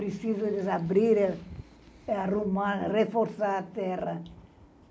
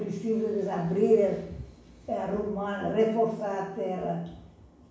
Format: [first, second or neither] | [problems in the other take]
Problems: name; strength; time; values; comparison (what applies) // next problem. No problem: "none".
first | room echo; dies away in 0.7 s